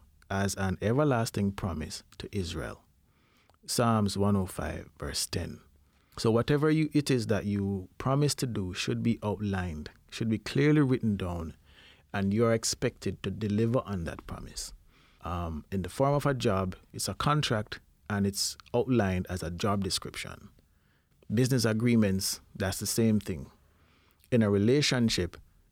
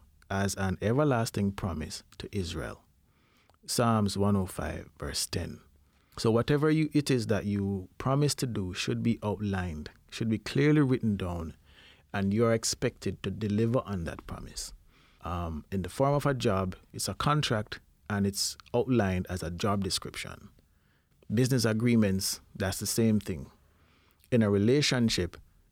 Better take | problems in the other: neither | none

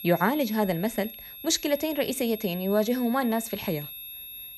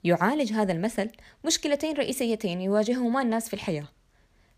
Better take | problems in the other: second | high-pitched whine; noticeable; throughout; 11.5 kHz, 10 dB below the speech

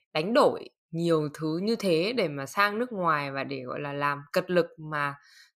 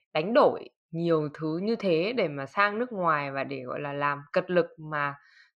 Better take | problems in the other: first | muffled; very slightly; fading above 2.5 kHz

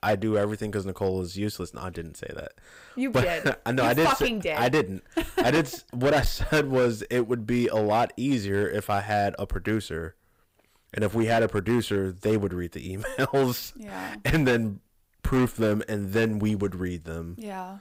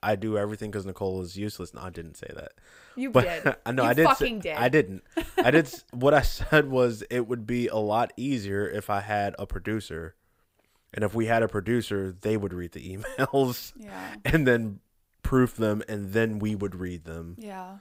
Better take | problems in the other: second | distortion; heavy; 7% of the sound clipped

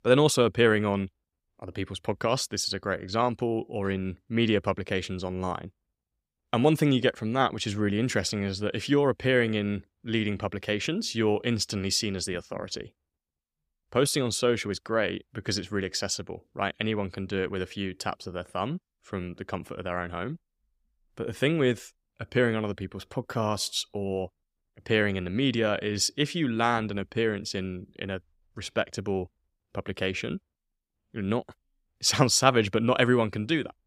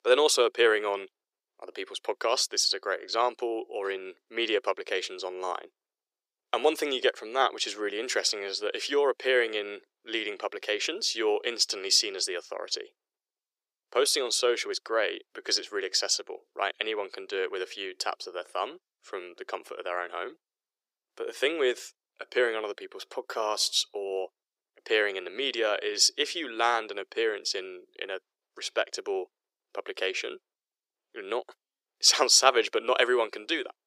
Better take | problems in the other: first | thin; very; fading below 350 Hz

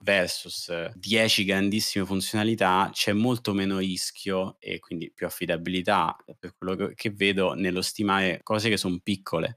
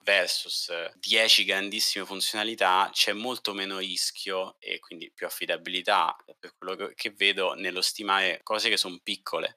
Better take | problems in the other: first | thin; somewhat; fading below 550 Hz

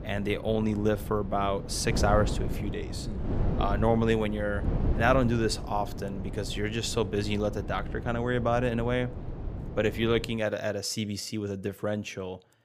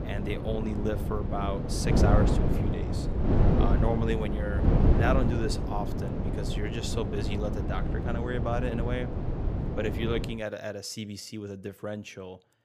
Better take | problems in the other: first | wind noise on the microphone; heavy; until 10 s; 1 dB below the speech; occasional gusts in the first

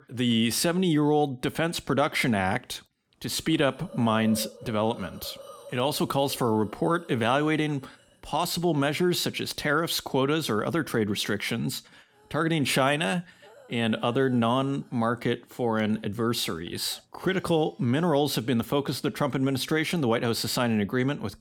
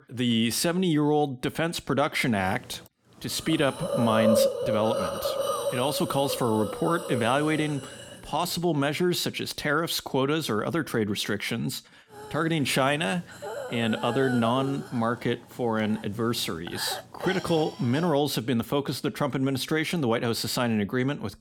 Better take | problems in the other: first | hiss; loud; from 2.5 to 8.5 s and from 12 to 18 s; 5 dB below the speech; faint in the first

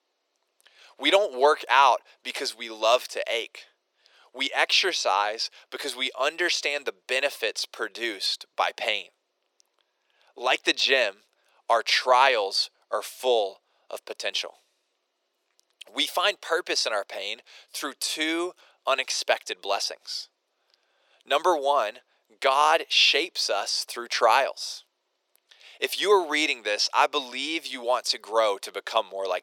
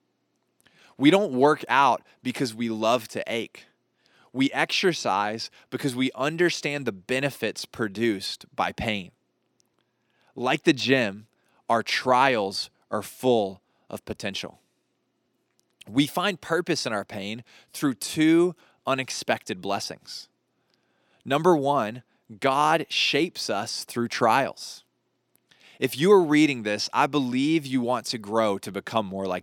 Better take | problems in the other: second | thin; very; fading below 450 Hz

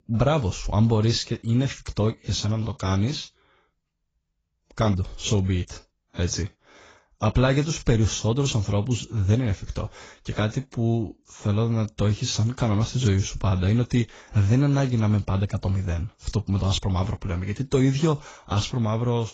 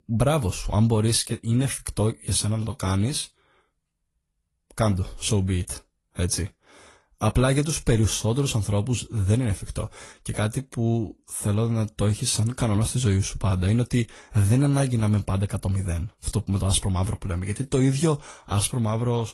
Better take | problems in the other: second | garbled, watery; badly; nothing above 7.5 kHz; slightly in the second

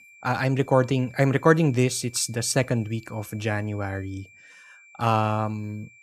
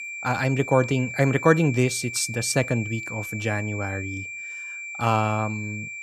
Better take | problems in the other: first | high-pitched whine; loud; throughout; 2.5 kHz, 8 dB below the speech; faint in the first

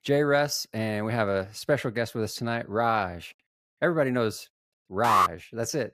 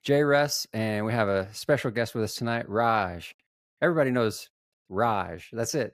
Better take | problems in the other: second | alarm; loud; at 5 s; peak 5 dB above the speech

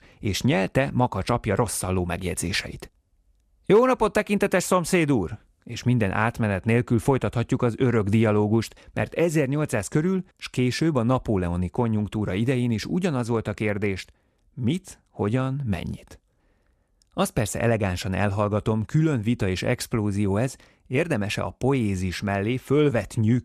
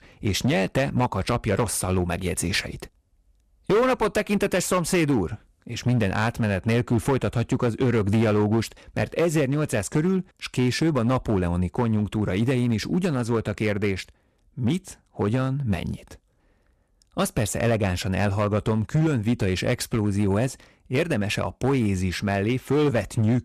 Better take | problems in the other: first | distortion; slight; 7% of the sound clipped

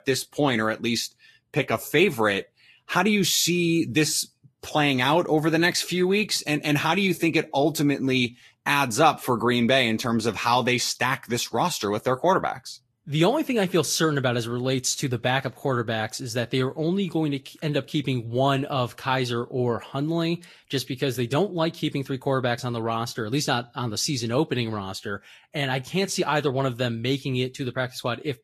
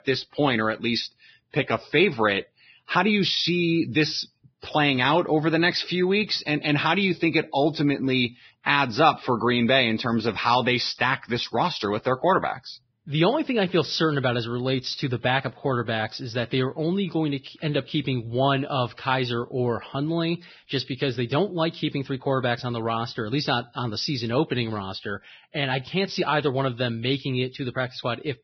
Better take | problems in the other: first | garbled, watery; badly; nothing above 5.5 kHz; slightly in the first

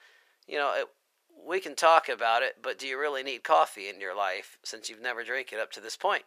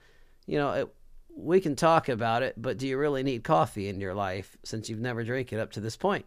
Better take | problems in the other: second | thin; very; fading below 550 Hz

